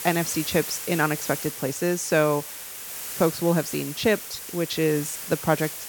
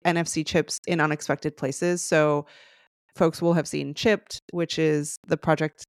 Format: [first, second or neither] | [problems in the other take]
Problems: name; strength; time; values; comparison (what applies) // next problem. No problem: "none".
second | hiss; loud; throughout; 7 dB below the speech